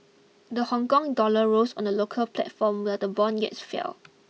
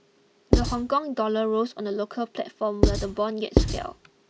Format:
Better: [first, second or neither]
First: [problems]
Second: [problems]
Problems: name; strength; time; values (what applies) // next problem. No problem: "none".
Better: first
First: none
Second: background sound (Writing); 4 dB above the speech